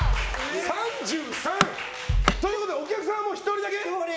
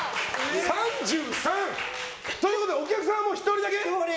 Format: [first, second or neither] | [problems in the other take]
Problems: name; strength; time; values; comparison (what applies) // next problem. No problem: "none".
second | background sound (Bass drum + Tools); 1 dB below the speech